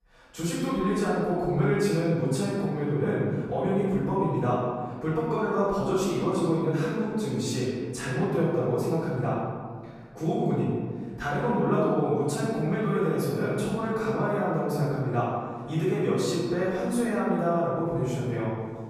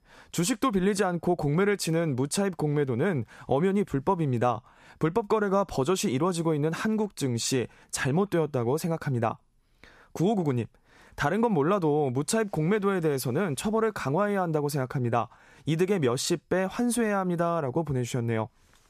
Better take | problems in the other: second | off-mic speech; far // room echo; strong; dies away in 1.7 s

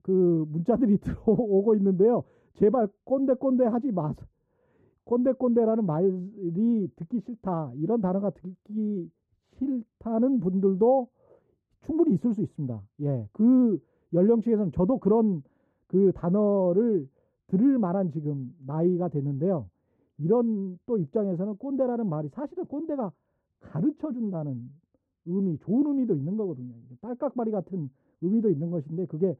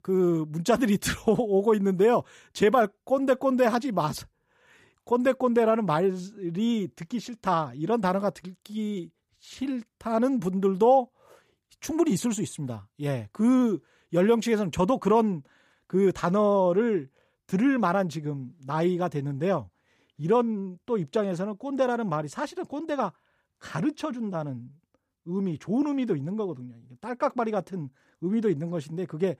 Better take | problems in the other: second | muffled; very; fading above 1.5 kHz

